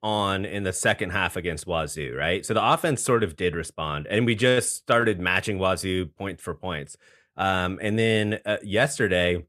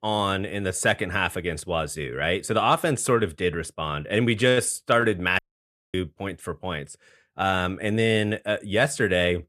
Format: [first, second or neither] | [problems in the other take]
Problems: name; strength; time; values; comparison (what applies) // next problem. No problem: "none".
first | audio cutting out; at 5.5 s for 0.5 s